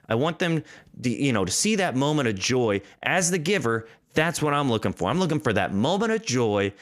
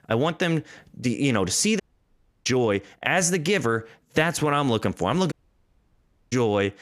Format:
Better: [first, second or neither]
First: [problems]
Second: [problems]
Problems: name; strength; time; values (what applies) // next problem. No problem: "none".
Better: first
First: none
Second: audio cutting out; at 2 s for 0.5 s and at 5.5 s for 1 s